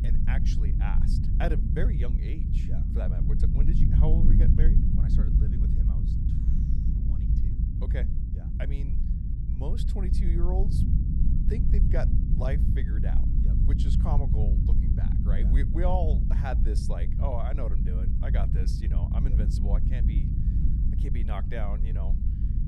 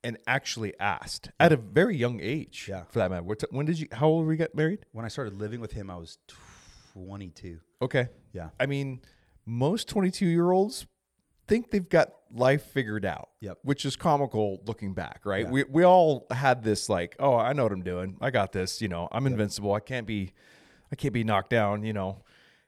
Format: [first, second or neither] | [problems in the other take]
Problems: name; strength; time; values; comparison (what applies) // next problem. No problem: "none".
second | low rumble; loud; throughout; 2 dB below the speech